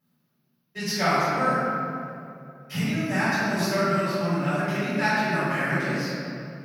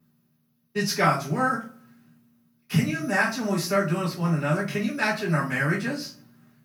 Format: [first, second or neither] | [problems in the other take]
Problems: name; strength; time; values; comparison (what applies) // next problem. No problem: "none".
second | room echo; strong; dies away in 2.5 s; slight in the second // off-mic speech; far; far in the second